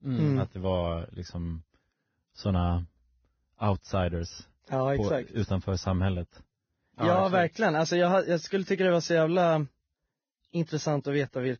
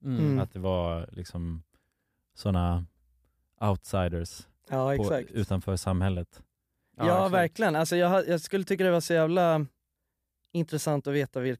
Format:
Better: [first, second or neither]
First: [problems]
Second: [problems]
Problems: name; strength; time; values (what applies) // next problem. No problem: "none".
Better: second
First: garbled, watery; badly; nothing above 6.5 kHz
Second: none